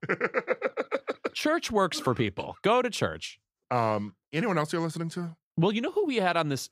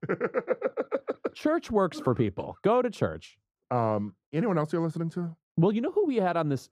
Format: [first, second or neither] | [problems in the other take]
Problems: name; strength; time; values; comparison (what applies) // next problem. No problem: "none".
first | muffled; slightly; fading above 1 kHz